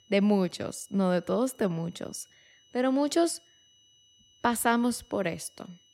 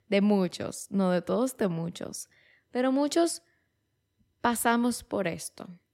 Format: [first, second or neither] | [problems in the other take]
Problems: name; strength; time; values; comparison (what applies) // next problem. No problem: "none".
second | high-pitched whine; faint; throughout; 3 kHz, 30 dB below the speech